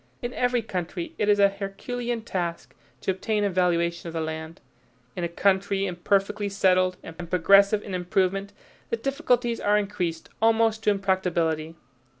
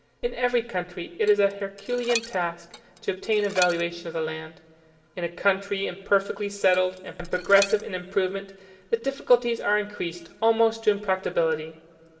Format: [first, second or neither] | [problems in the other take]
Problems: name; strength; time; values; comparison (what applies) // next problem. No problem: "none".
first | background sound (Dishes, pots, and pans); 12 dB below the speech // room echo; dies away in 2.4 s